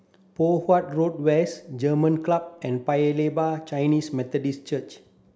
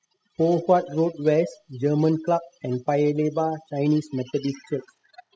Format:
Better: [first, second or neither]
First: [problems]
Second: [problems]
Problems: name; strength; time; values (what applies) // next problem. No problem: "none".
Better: first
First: none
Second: noise reduction (classical method spectral subtraction)